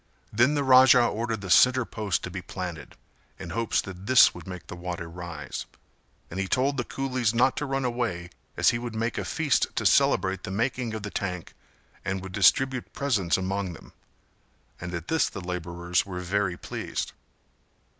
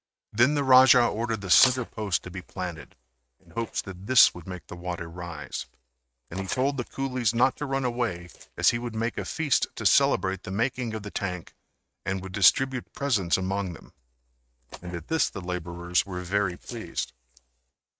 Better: first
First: none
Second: noise reduction (neural mask model RNNoise)

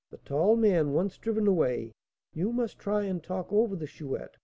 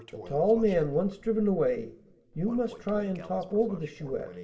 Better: first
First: none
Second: background sound (Toilet flush); 20 dB below the speech // room echo; dies away in 0.5 s

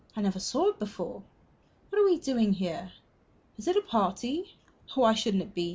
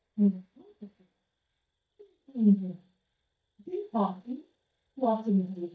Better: first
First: none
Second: noise reduction (neural mask model DeepFilterNet 3)

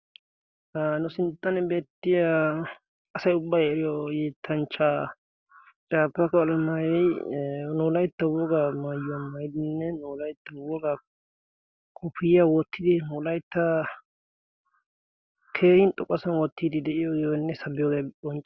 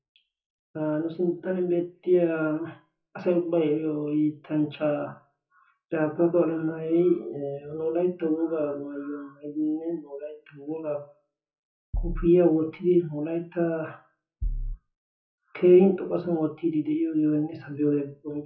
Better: first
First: none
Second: noise reduction (classical method WPE with log-MMSE)

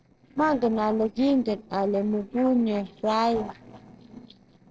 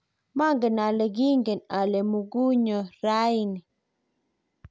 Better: second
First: noise reduction (neural separator model SepFormer DNS4)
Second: none

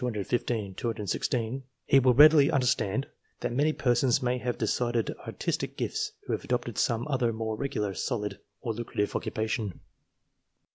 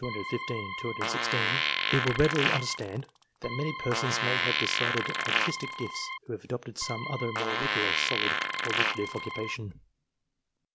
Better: first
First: none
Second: background sound (Fart + Organ); 3 dB above the speech

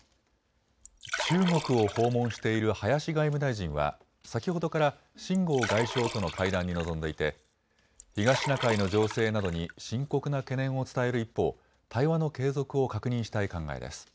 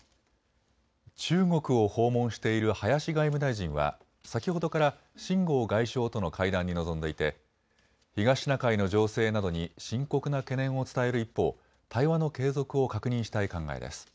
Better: second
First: background sound (Liquid); 9 dB below the speech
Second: none

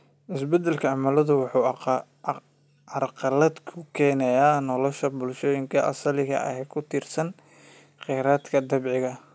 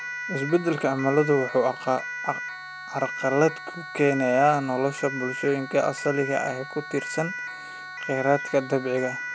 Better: first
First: none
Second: background sound (Siren); 9 dB below the speech

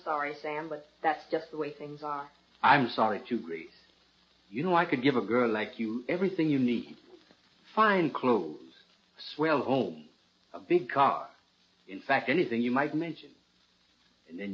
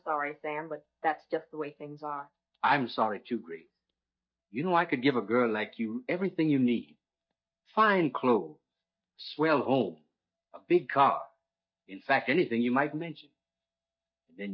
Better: first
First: none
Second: noise reduction (neural mask model DeepFilterNet 3)

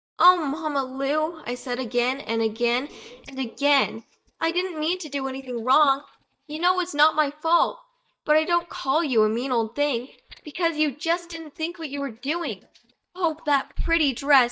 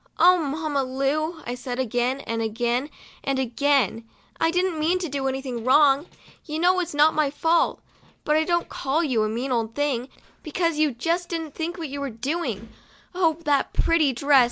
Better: second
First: noise reduction (neural mask model DeepFilterNet 3)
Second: none

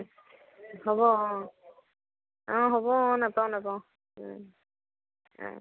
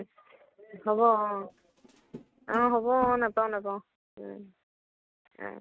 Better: first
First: none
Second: noise reduction (neural mask model RNNoise)

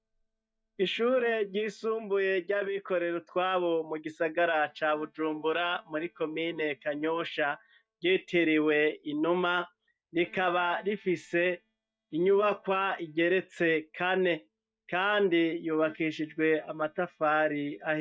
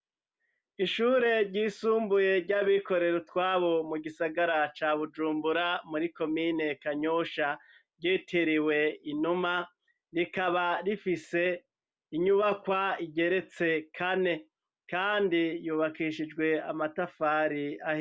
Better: second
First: noise reduction (neural mask model DeepFilterNet 3)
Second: none

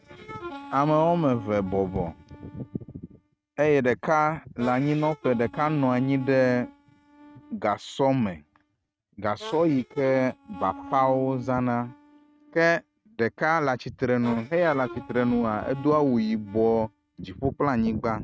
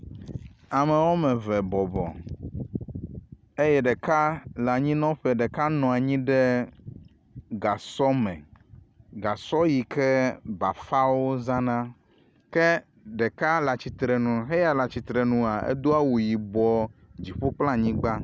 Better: second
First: noise reduction (neural mask model RNNoise)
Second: none

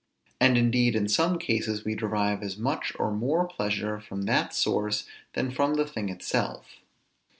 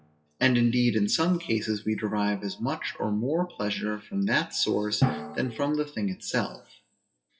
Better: first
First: none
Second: noise reduction (classical method WPE with log-MMSE)

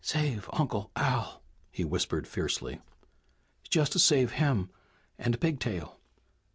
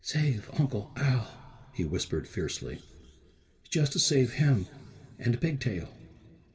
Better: first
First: none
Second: room echo; dies away in 2.3 s

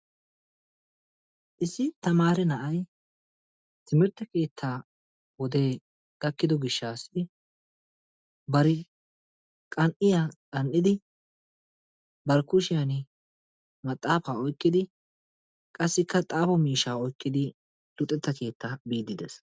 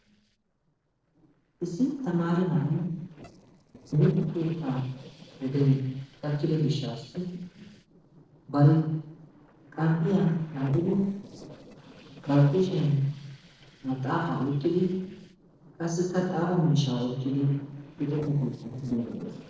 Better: first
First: none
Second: noise reduction (neural separator model SepFormer DNS4)

